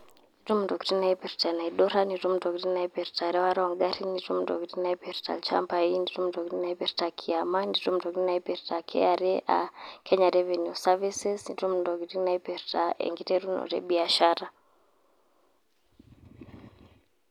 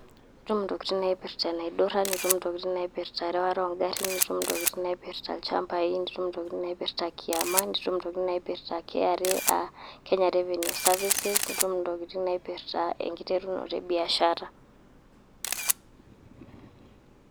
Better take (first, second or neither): first